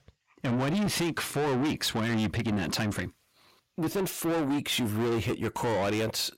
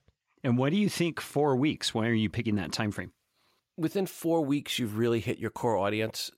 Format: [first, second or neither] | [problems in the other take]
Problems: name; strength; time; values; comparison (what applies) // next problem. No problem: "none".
second | distortion; heavy; 6 dB below the speech